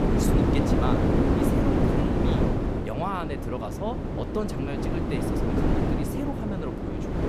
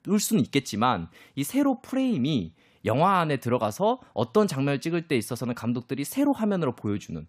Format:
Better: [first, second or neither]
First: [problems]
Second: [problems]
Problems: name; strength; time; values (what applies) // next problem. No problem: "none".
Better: second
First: wind noise on the microphone; heavy; 5 dB above the speech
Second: none